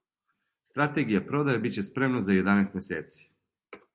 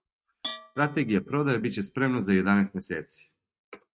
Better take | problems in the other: first | noise reduction (neural mask model RNNoise)

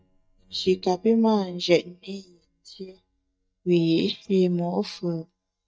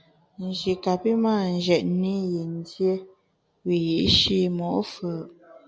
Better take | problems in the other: second | noise reduction (neural mask model DeepFilterNet 3)

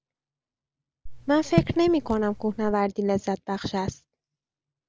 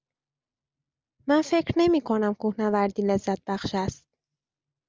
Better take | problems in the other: second | background sound (Raindrop / Drip); 4 dB below the speech

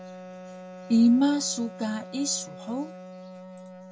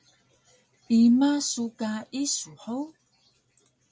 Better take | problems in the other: second | background sound (Wind instrument, woodwind instrument); 15 dB below the speech

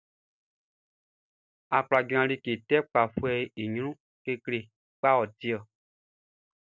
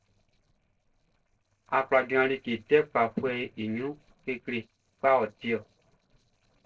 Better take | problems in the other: first | noise reduction (neural separator model SepFormer DNS4)

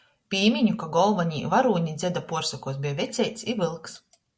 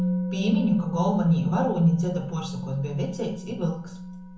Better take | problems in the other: first | background sound (Musical instrument); 5 dB below the speech // room echo; dies away in 0.6 s

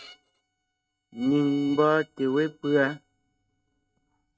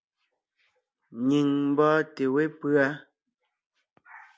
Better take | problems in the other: second | noise reduction (neural mask model RNNoise)

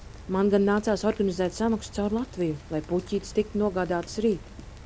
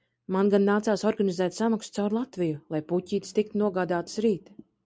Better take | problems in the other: second | background sound (Rain); 17 dB below the speech

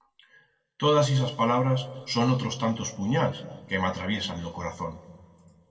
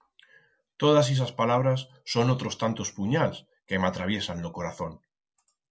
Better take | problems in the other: second | room echo; dies away in 1.4 s

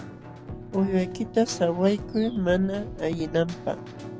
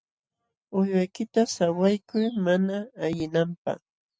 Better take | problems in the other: second | background sound (Keyboard (musical)); 12 dB below the speech

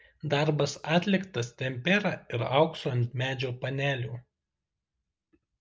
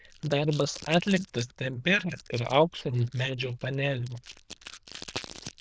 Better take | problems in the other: first | noise reduction (neural diffusion model UNIVERSE++)

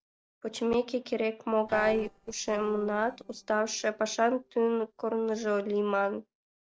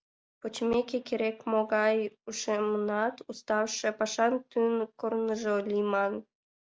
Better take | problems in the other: second | noise reduction (neural separator model SepFormer DNS4)

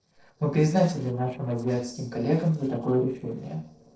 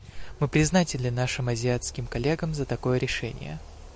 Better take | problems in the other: second | noise reduction (neural separator model SepFormer DNS4)

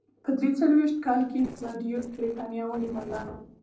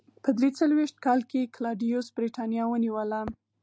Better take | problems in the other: second | noise reduction (neural separator model SepFormer DNS4)

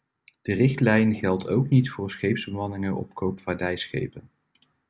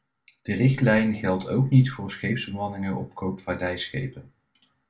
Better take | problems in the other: first | room echo; dies away in 0.2 s

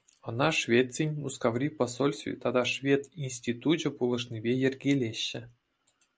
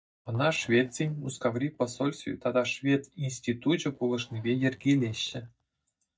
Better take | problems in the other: first | noise reduction (neural mask model DeepFilterNet 3)

